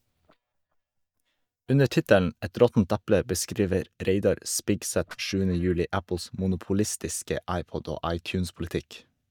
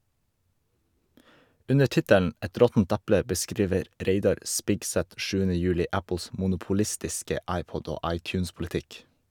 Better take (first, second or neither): second